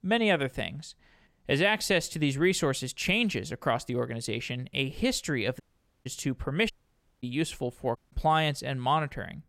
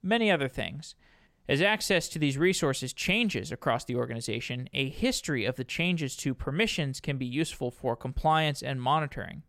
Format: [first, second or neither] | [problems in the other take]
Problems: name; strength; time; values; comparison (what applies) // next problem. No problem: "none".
second | audio cutting out; at 5.5 s, at 6.5 s for 0.5 s and at 8 s